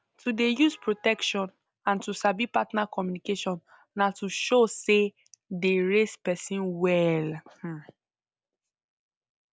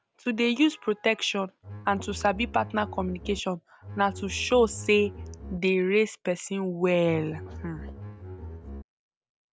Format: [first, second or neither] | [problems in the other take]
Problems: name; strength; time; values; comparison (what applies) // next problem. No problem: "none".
first | background sound (Bowed string instrument); 12 dB below the speech